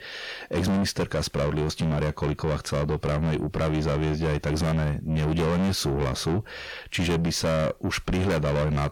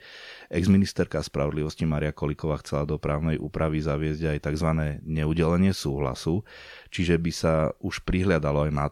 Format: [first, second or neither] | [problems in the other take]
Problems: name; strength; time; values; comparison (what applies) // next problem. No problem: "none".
second | distortion; heavy; 6 dB below the speech